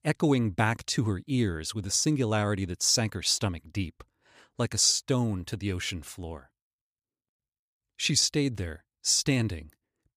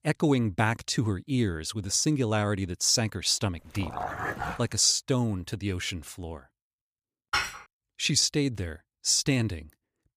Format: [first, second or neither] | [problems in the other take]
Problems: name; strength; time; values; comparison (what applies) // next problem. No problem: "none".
first | dog barking; noticeable; at 4 s; peak 6 dB below the speech // clattering dishes; noticeable; at 7.5 s; peak 2 dB below the speech